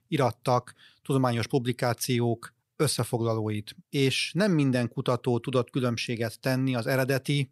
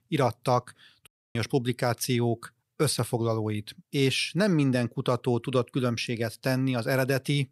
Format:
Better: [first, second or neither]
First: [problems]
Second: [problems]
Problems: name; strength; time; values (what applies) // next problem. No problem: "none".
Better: first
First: none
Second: audio cutting out; at 1 s